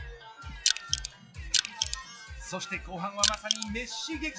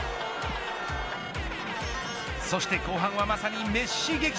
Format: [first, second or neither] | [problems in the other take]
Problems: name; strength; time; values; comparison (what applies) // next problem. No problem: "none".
second | noise reduction (classical method log-MMSE)